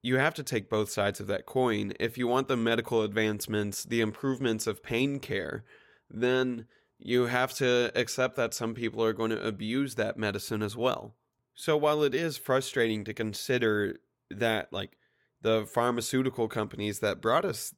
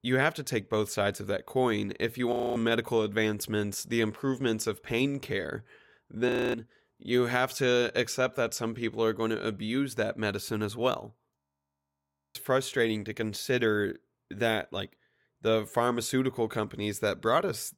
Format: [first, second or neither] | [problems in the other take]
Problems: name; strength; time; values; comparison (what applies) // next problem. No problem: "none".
first | audio freezing; at 2.5 s, at 6.5 s and at 11 s for 1 s